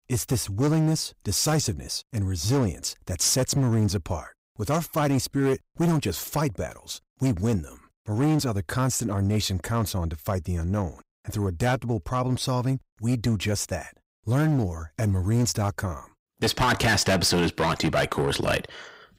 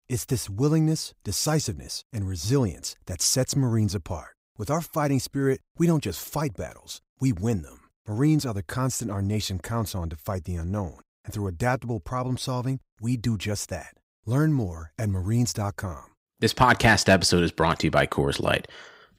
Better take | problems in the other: second | distortion; heavy; 9% of the sound clipped

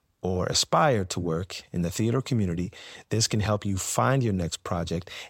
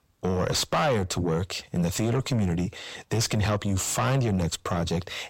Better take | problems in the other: first | distortion; heavy; 6 dB below the speech

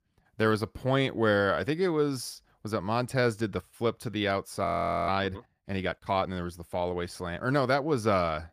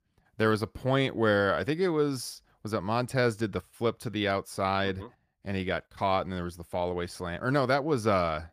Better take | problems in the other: second | audio freezing; at 4.5 s

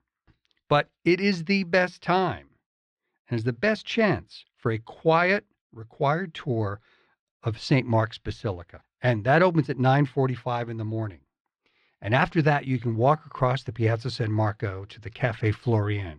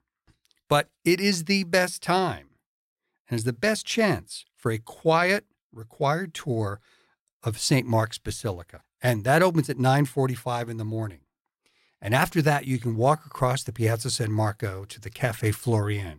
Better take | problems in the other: second | muffled; very slightly; fading above 3.5 kHz

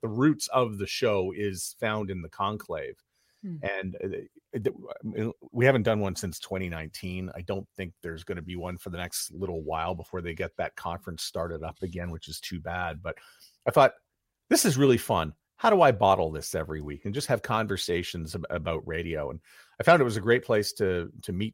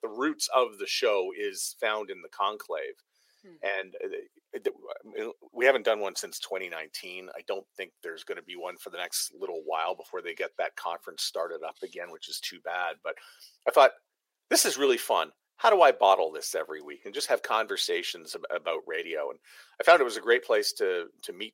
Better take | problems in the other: first | thin; very; fading below 400 Hz

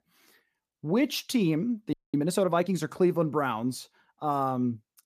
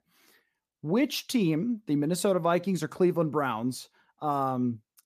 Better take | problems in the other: second | audio freezing; at 2 s

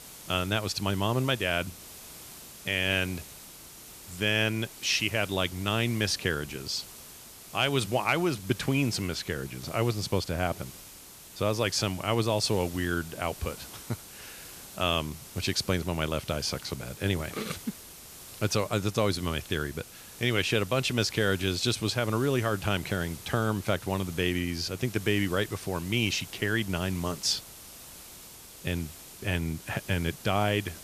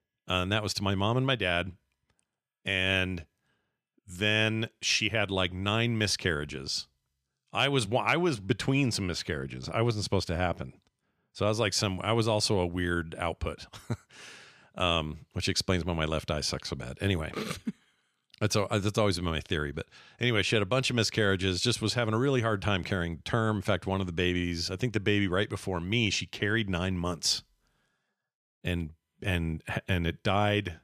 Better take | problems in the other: second | hiss; noticeable; throughout; 15 dB below the speech

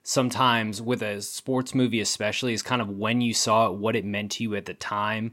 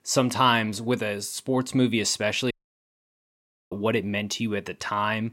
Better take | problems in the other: first | audio cutting out; at 2.5 s for 1 s

